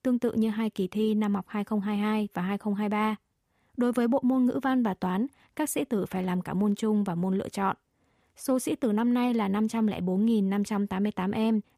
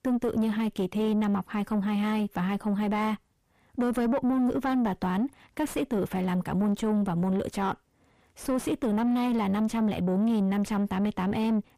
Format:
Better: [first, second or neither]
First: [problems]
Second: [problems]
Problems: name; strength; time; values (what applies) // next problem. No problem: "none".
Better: first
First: none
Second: distortion; slight; 9 dB below the speech